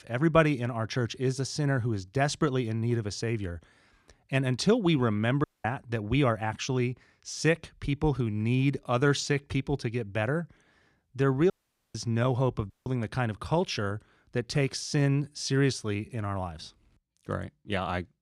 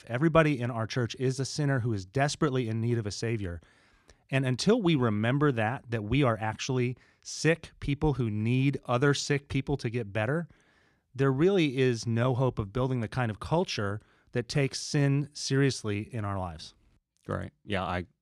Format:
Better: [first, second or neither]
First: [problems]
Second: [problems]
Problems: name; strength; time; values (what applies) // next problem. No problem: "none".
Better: second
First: audio cutting out; at 5.5 s, at 12 s and at 13 s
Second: none